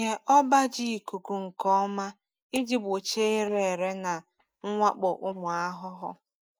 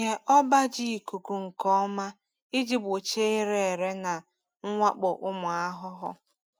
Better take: second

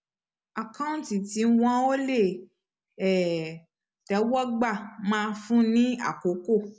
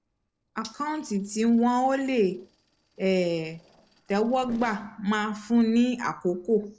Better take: first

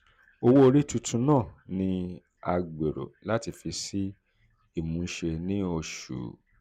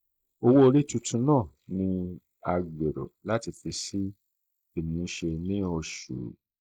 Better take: first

